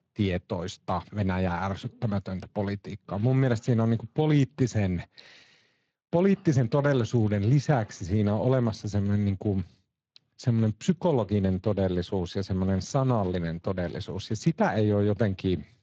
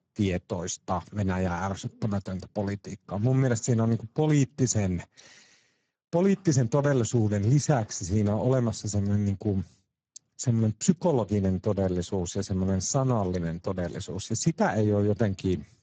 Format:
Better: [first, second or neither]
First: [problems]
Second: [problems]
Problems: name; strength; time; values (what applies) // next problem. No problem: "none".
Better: first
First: garbled, watery; slightly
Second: garbled, watery; badly; nothing above 7.5 kHz